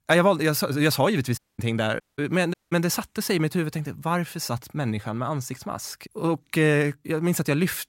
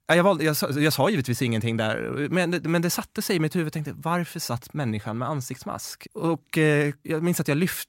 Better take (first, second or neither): second